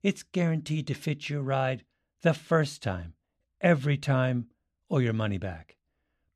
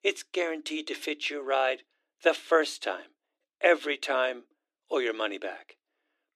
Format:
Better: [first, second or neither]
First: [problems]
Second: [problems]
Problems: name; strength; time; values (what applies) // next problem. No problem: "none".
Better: first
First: none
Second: thin; very; fading below 300 Hz